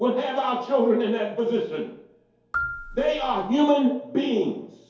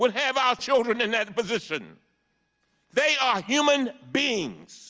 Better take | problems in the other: second | background sound (Marimba, xylophone); 11 dB below the speech // room echo; dies away in 2.4 s

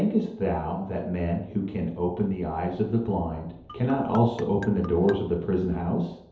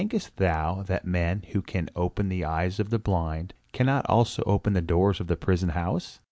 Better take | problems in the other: second | background sound (Marimba, xylophone); 17 dB below the speech // room echo; dies away in 2.2 s

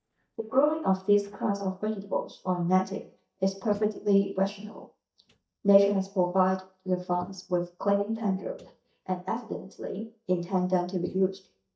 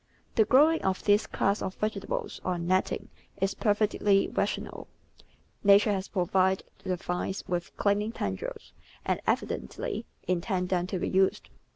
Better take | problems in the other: second | noise reduction (neural mask model DeepFilterNet 3)

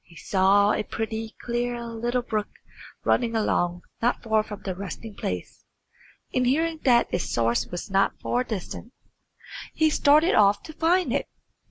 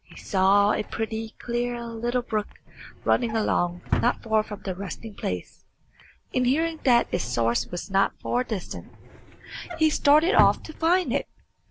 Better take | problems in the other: first | background sound (Drawer open or close); 12 dB below the speech

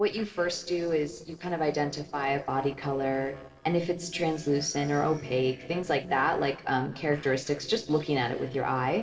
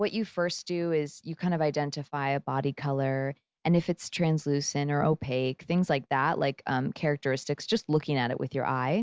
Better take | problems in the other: second | noise reduction (neural separator model SepFormer DNS4)

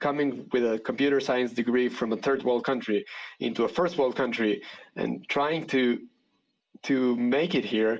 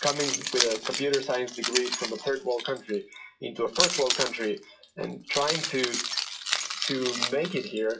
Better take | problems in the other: first | noise reduction (classical method WPE with log-MMSE)

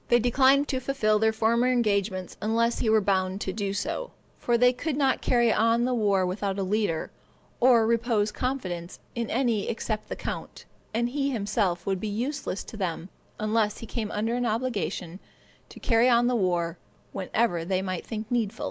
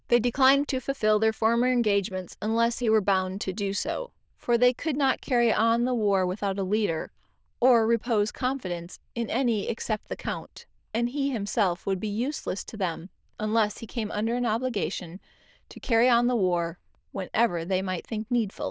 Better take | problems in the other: first | noise reduction (neural diffusion model UNIVERSE++)

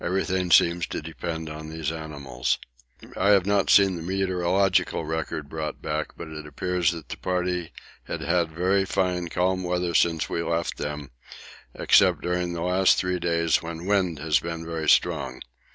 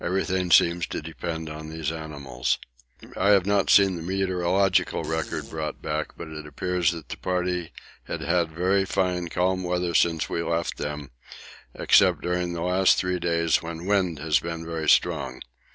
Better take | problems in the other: first | background sound (Fart); 19 dB below the speech

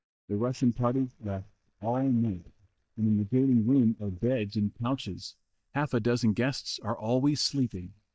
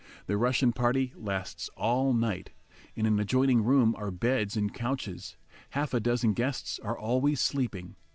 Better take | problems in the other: second | noise reduction (neural mask model DeepFilterNet 3)

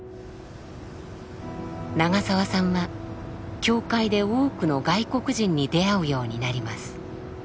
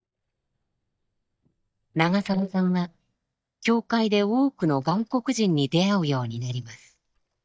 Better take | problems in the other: first | noise reduction (neural mask model DeepFilterNet 3)

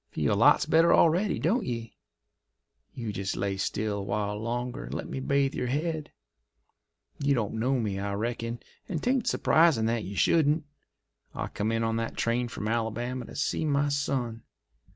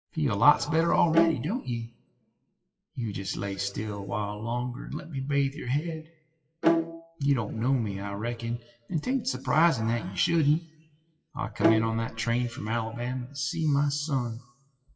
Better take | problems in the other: first | noise reduction (classical method WPE with log-MMSE)

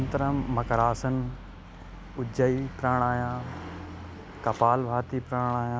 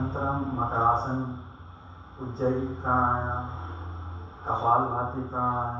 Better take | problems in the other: first | room echo; dies away in 0.7 s

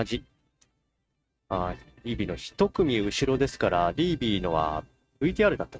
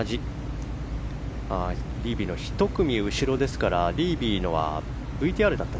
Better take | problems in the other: second | noise reduction (neural mask model RNNoise)

